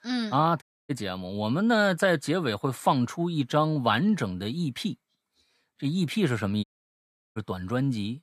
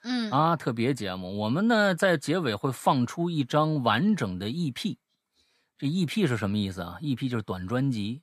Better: second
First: audio cutting out; at 0.5 s and at 6.5 s for 0.5 s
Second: none

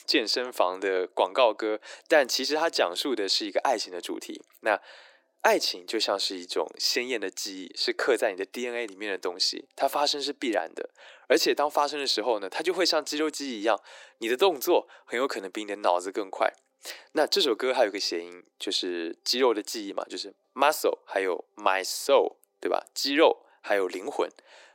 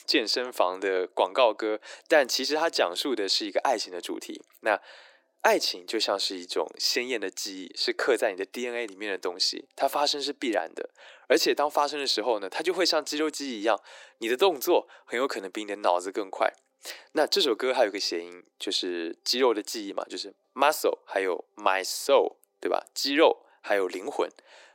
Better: neither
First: thin; very; fading below 300 Hz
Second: thin; very; fading below 300 Hz

